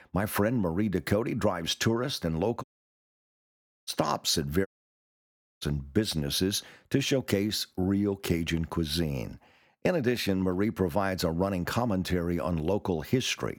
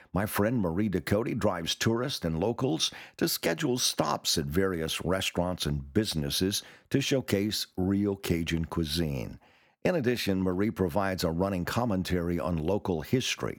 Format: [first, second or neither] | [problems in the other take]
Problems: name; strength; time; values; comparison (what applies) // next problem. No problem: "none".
second | audio cutting out; at 2.5 s for 1 s and at 4.5 s for 1 s